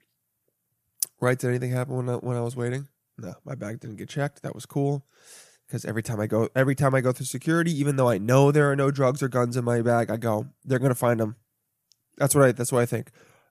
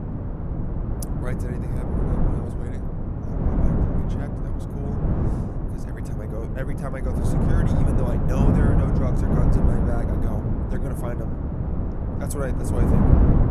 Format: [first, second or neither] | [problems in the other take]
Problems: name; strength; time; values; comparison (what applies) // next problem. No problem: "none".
first | wind noise on the microphone; heavy; 4 dB above the speech